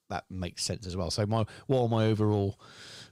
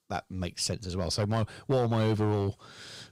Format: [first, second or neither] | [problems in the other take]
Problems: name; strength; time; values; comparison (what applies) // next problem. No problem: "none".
first | distortion; slight; 4% of the sound clipped